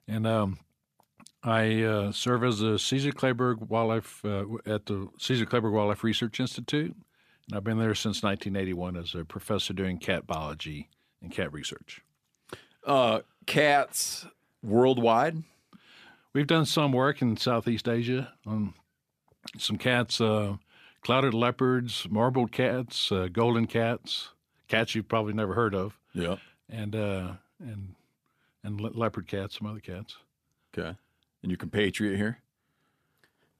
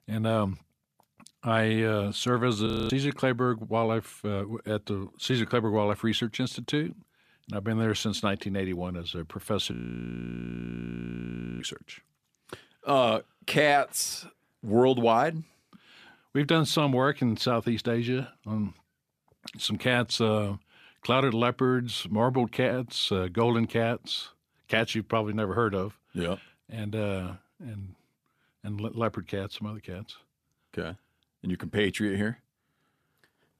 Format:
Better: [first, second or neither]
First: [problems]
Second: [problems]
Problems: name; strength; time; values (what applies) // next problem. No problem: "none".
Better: first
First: none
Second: audio freezing; at 2.5 s and at 9.5 s for 2 s